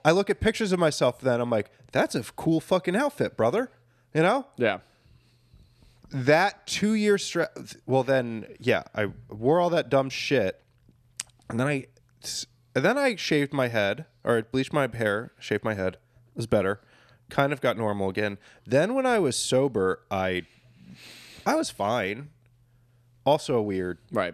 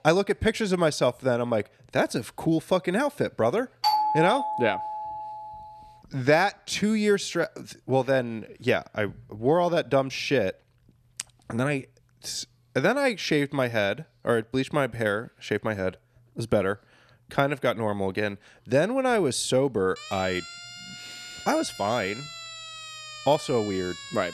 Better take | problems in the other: first | doorbell; loud; from 4 to 5.5 s; peak 3 dB above the speech // siren; faint; from 20 s on; peak 10 dB below the speech

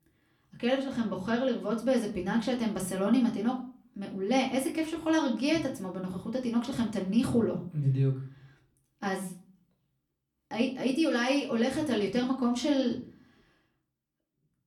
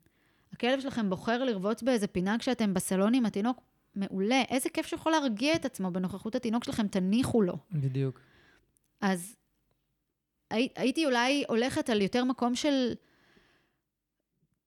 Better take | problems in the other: second | off-mic speech; far // room echo; very slight; dies away in 0.4 s

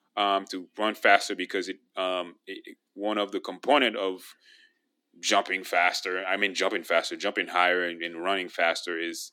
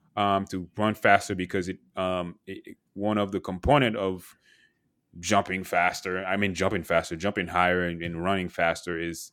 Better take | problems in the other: second | thin; very slightly; fading below 250 Hz

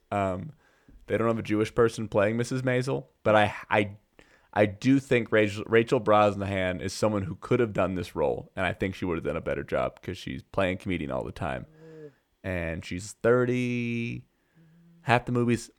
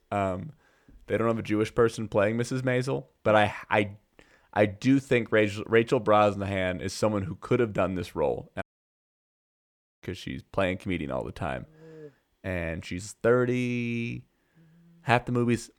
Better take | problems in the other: first | audio cutting out; at 8.5 s for 1.5 s

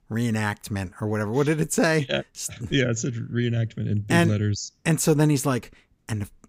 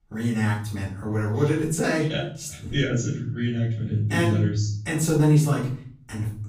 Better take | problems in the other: first | off-mic speech; far // room echo; noticeable; dies away in 0.5 s

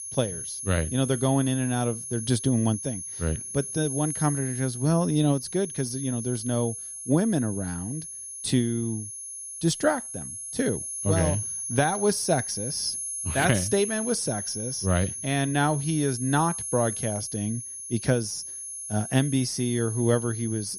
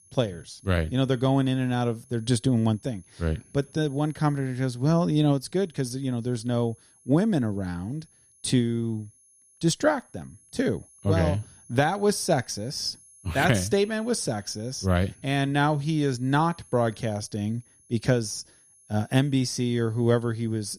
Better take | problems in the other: second | high-pitched whine; loud; throughout; 10.5 kHz, 6 dB below the speech; faint in the second

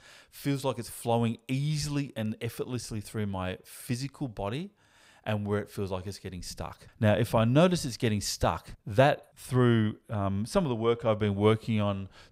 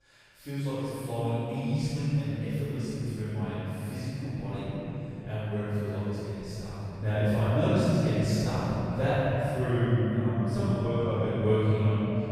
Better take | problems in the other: first | off-mic speech; far // room echo; strong; dies away in 3 s

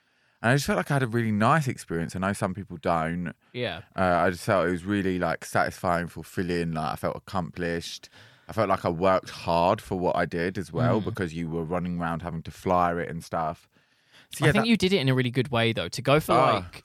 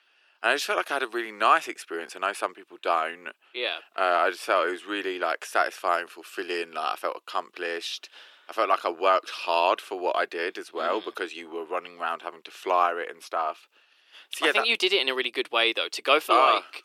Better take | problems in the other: first | thin; very; fading below 350 Hz

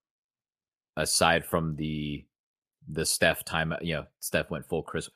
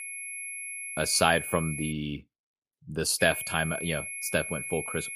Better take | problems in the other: first | high-pitched whine; loud; until 2 s and from 3 s on; 2 kHz, 7 dB below the speech

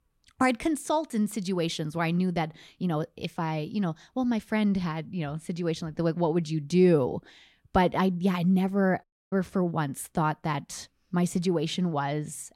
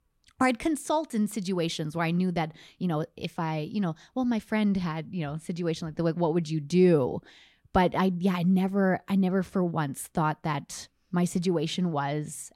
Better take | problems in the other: second | audio cutting out; at 9 s

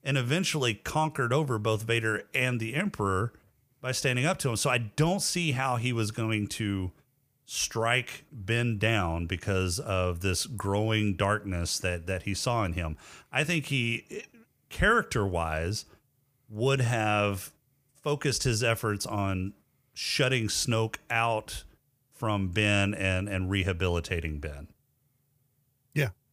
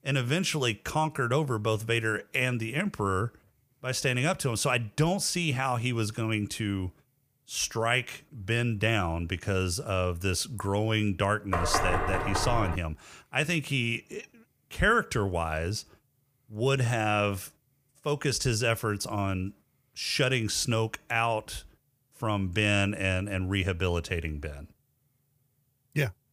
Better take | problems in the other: first | door banging; loud; from 12 to 13 s; peak 1 dB above the speech

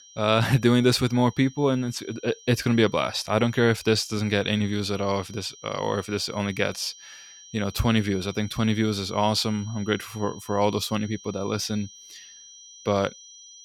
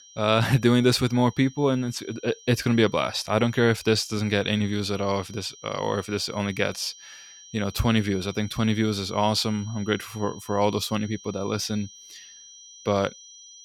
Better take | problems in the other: neither | high-pitched whine; faint; throughout; 6 kHz, 20 dB below the speech; the same in both

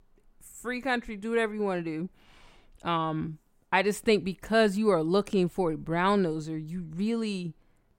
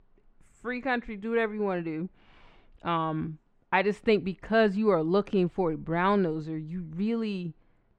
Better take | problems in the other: first | muffled; very slightly; fading above 3 kHz

